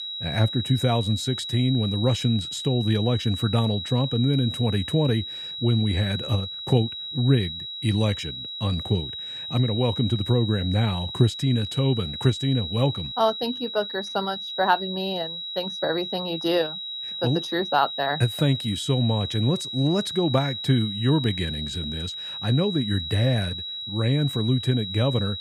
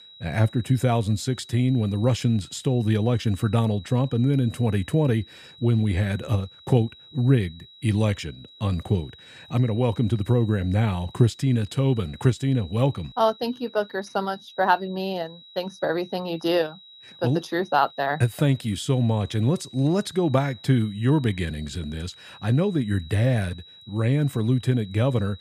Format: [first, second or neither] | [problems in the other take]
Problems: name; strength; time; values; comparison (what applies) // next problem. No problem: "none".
second | high-pitched whine; loud; throughout; 4 kHz, 6 dB below the speech; faint in the second